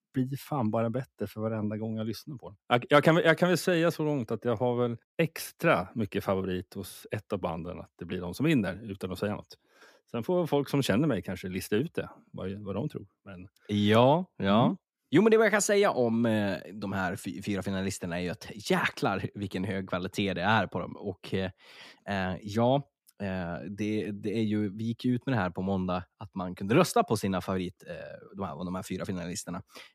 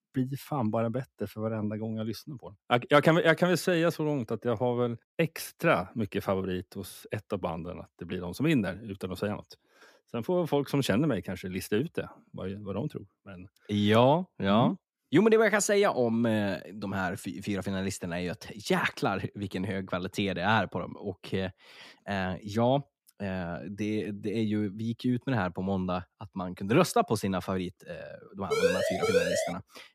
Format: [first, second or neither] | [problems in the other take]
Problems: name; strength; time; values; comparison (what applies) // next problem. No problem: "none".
first | siren; loud; from 29 s on; peak 3 dB above the speech